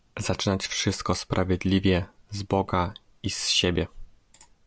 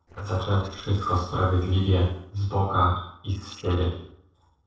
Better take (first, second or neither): first